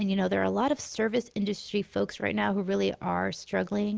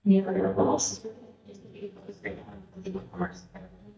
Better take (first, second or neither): first